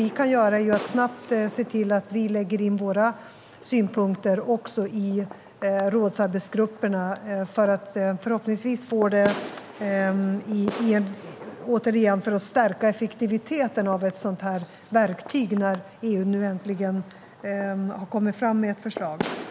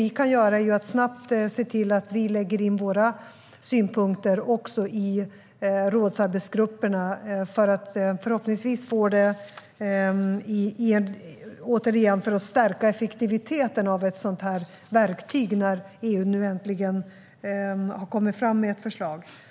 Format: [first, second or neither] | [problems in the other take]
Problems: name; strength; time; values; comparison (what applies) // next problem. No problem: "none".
second | background sound (Fireworks); 16 dB below the speech